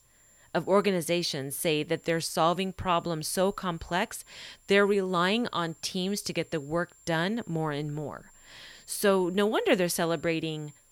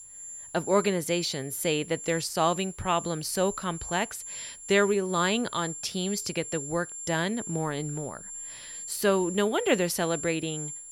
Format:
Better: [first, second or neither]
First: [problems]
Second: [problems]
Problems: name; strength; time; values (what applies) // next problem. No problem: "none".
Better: first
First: high-pitched whine; faint; throughout; 7.5 kHz, 30 dB below the speech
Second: high-pitched whine; loud; throughout; 7.5 kHz, 10 dB below the speech